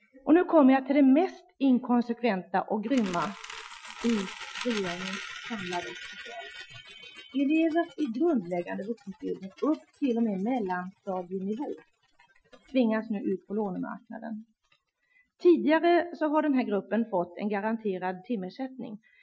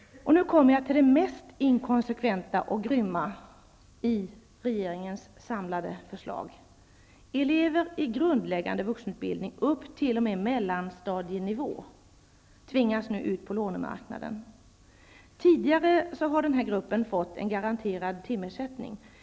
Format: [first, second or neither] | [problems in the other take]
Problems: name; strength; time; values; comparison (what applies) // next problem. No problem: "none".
second | noise reduction (classical method Wiener filter)